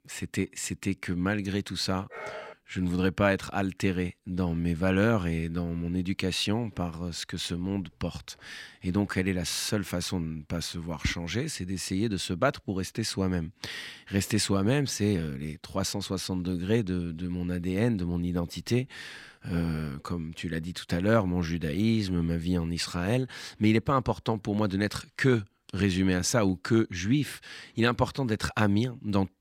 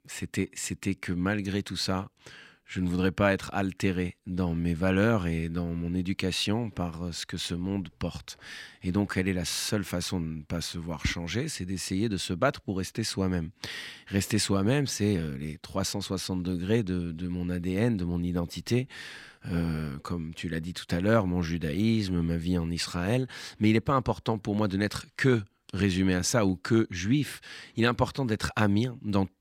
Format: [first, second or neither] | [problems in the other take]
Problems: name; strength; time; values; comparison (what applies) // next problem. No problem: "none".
second | dog barking; faint; at 2 s; peak 10 dB below the speech